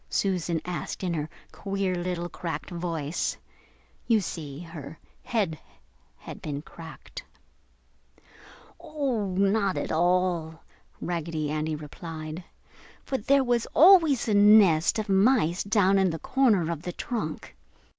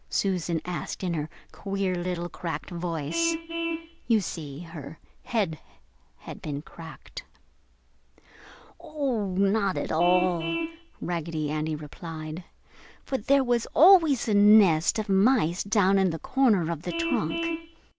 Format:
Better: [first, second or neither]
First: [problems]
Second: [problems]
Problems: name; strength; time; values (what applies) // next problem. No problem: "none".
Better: first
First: none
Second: background sound (Vehicle horn, car horn, honking); 12 dB below the speech